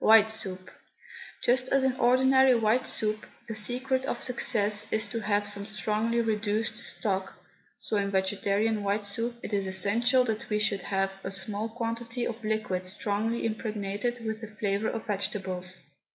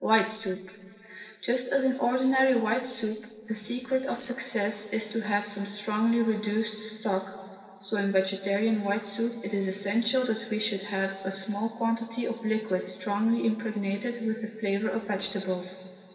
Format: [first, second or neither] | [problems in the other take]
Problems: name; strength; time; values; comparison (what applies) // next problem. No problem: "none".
first | noise reduction (neural separator model SepFormer DNS4)